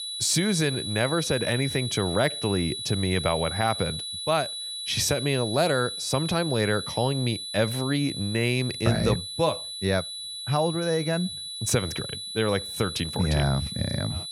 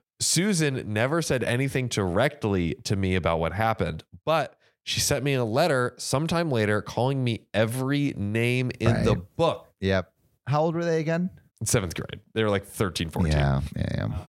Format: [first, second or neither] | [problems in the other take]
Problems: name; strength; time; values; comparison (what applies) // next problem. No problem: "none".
second | high-pitched whine; loud; throughout; 4 kHz, 6 dB below the speech